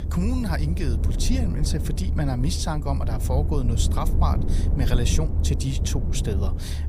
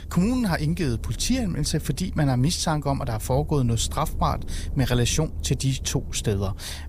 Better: second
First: low rumble; loud; throughout; 7 dB below the speech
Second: low rumble; faint; throughout; 20 dB below the speech

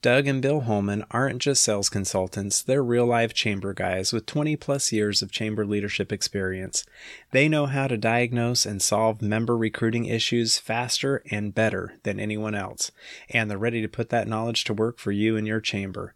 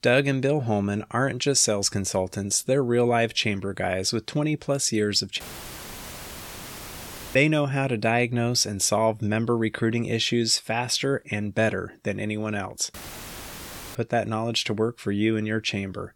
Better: first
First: none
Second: audio cutting out; filled with static; at 5.5 s for 2 s and at 13 s for 1 s

